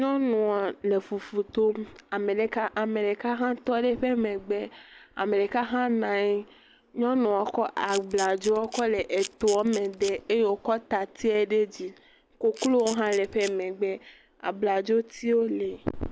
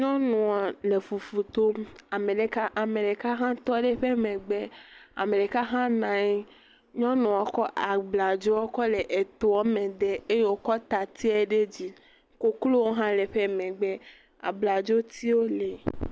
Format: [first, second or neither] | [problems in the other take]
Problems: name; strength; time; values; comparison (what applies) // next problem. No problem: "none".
second | background sound (Camera); 14 dB below the speech